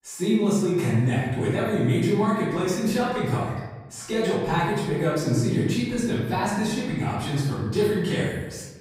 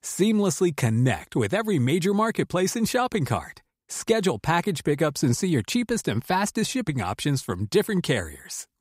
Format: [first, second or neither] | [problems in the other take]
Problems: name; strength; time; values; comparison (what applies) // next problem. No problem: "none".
second | off-mic speech; far // room echo; strong; dies away in 1.1 s